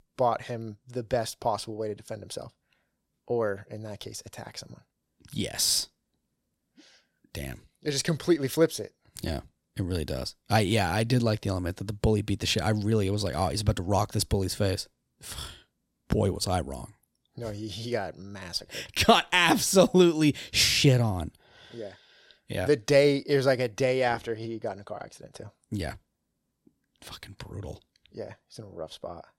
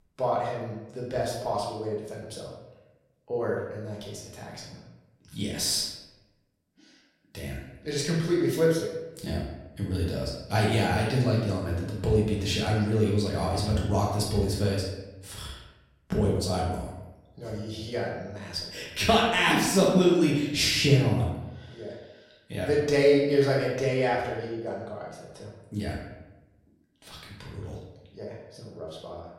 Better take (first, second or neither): first